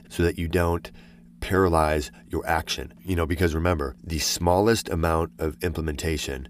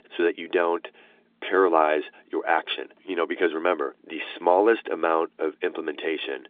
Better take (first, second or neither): first